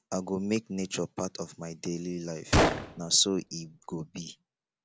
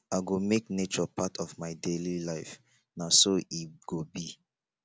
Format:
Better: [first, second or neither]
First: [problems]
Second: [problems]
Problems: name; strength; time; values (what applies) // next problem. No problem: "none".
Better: second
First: background sound (Gunshot, gunfire); 3 dB above the speech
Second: none